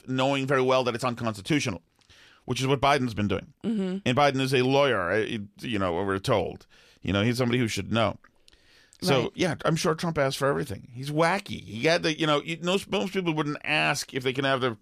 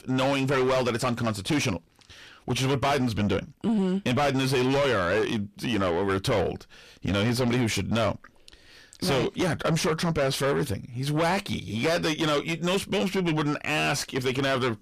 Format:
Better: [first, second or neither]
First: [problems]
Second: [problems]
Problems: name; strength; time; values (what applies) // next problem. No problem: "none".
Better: first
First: none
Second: distortion; heavy; 6 dB below the speech